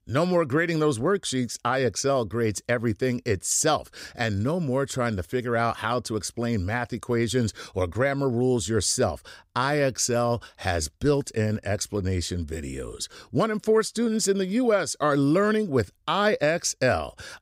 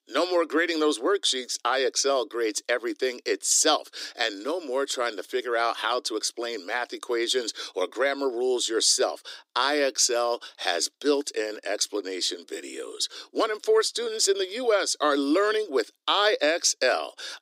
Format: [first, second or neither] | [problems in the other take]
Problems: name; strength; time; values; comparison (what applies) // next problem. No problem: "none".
first | thin; somewhat; fading below 300 Hz